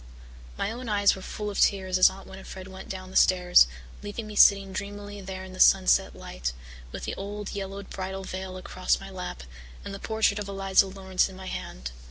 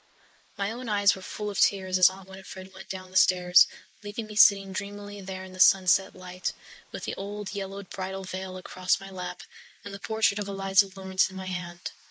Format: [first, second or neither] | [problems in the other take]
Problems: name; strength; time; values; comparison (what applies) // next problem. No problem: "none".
first | noise reduction (neural mask model Resemble Enhance denoiser)